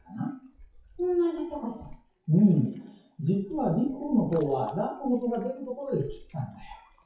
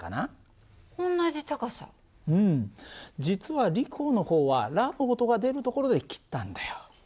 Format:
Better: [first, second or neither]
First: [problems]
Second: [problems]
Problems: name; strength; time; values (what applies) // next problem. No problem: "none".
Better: second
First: noise reduction (classical method WPE with log-MMSE)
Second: none